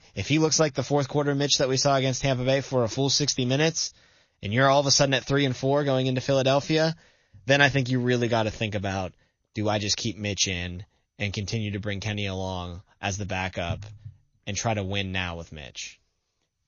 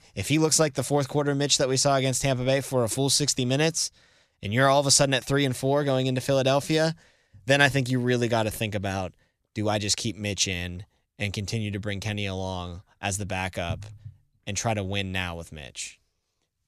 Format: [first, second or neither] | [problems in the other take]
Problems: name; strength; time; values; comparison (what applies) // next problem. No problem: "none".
second | garbled, watery; slightly; nothing above 6.5 kHz